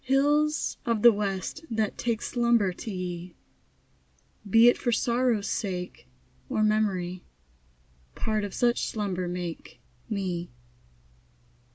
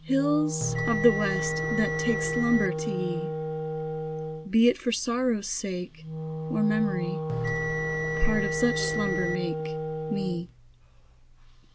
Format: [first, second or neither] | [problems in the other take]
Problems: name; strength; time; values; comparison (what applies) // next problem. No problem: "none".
first | background sound (Bell + Wind instrument, woodwind instrument); 3 dB below the speech